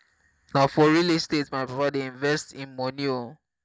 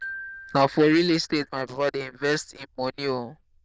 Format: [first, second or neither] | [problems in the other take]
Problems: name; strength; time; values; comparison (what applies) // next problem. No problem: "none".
first | noise reduction (neural diffusion model UNIVERSE++)